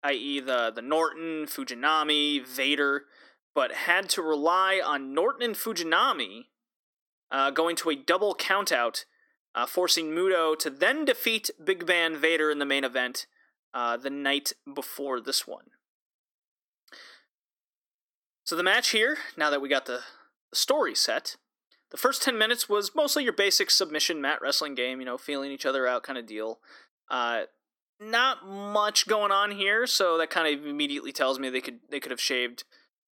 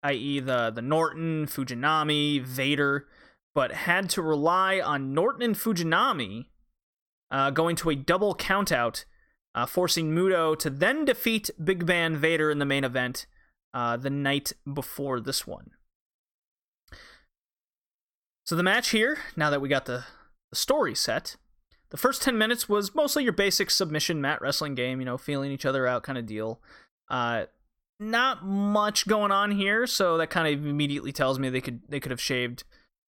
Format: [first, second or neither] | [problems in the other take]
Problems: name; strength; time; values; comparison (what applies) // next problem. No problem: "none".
second | thin; very slightly; fading below 300 Hz